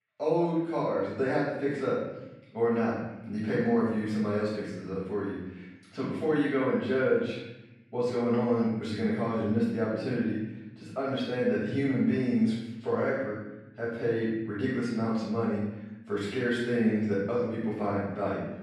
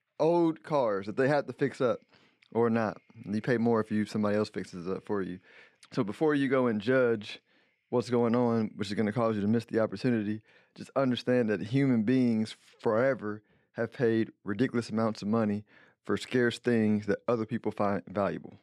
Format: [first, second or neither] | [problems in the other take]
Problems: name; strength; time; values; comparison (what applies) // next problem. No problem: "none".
second | off-mic speech; far // room echo; noticeable; dies away in 1 s